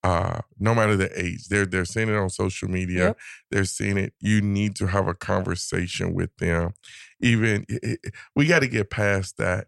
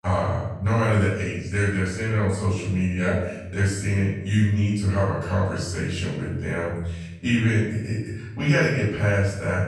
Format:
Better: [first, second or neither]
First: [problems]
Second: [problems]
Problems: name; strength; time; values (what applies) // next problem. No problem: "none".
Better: first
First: none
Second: room echo; strong; dies away in 0.9 s // off-mic speech; far